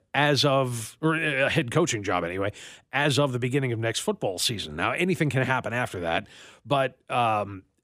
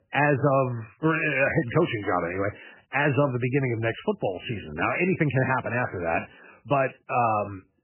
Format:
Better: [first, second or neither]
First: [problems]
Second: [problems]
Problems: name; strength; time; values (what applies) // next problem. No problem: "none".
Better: first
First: none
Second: garbled, watery; badly; nothing above 2.5 kHz